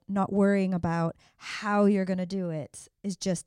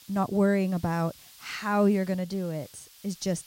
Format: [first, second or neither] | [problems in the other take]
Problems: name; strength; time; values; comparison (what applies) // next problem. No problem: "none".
first | hiss; faint; throughout; 20 dB below the speech